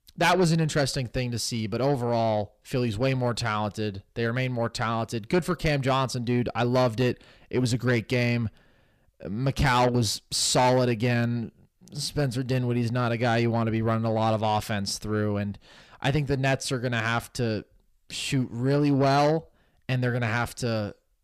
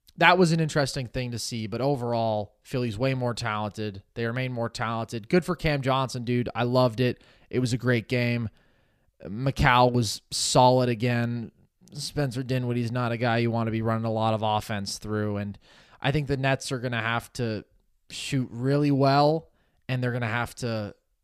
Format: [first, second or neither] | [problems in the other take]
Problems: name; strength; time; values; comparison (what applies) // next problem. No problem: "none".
second | distortion; slight; 10 dB below the speech